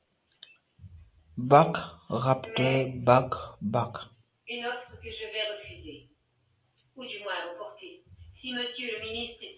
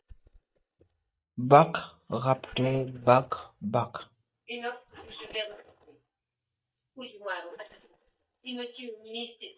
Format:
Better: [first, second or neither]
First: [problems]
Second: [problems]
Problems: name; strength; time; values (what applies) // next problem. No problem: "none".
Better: first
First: none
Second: noise reduction (neural mask model DeepFilterNet 3)